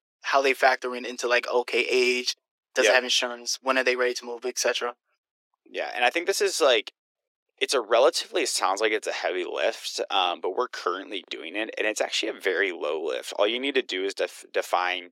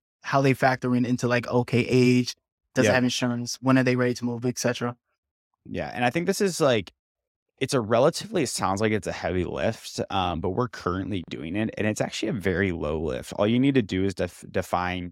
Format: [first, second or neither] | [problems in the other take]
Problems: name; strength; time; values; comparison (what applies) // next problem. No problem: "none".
second | thin; very; fading below 350 Hz